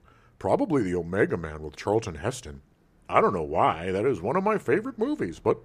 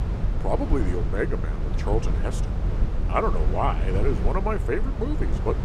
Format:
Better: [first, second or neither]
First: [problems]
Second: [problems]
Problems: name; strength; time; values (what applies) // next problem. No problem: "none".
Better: first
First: none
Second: low rumble; loud; throughout; 9 dB below the speech